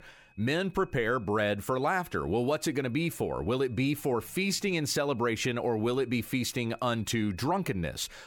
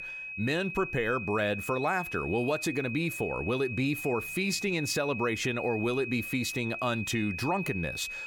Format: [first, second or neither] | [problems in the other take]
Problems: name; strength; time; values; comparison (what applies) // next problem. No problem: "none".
first | high-pitched whine; loud; throughout; 2.5 kHz, 6 dB below the speech; faint in the first